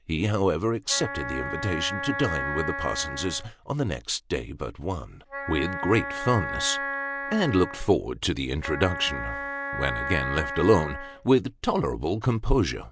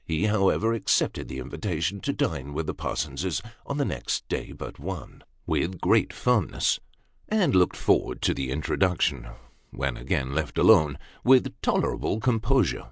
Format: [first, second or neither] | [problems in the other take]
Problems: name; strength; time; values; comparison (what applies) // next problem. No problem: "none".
second | background sound (Wind instrument, woodwind instrument); 7 dB below the speech